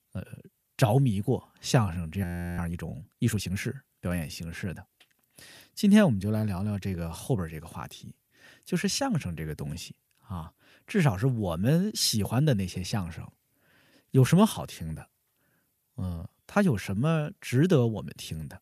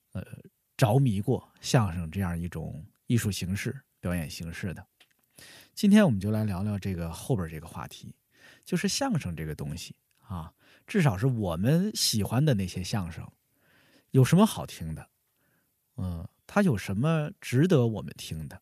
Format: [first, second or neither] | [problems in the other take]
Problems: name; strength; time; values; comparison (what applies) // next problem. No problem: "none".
second | audio freezing; at 2 s